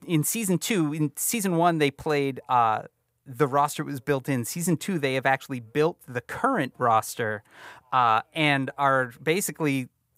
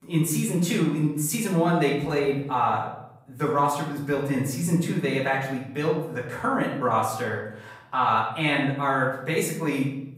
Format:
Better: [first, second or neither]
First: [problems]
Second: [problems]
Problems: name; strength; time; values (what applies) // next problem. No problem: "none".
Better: first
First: none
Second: off-mic speech; far // room echo; noticeable; dies away in 0.8 s